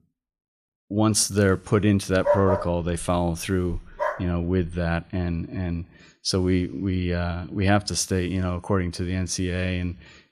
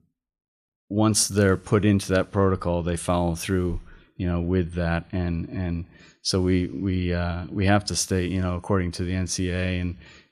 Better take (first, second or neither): second